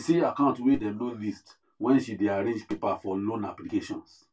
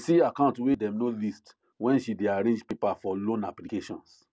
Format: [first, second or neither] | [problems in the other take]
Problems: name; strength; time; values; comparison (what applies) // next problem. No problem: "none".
second | room echo; dies away in 0.2 s